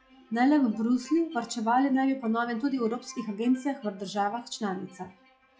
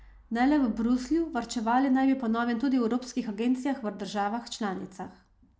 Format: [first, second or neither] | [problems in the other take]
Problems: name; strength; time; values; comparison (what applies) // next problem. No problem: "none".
second | noise reduction (classical method log-MMSE)